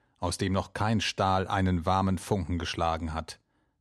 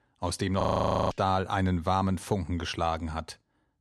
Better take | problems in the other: first | audio freezing; at 0.5 s for 0.5 s

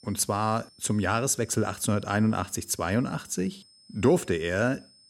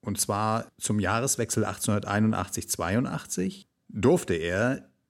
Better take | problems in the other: second | high-pitched whine; faint; throughout; 5 kHz, 25 dB below the speech

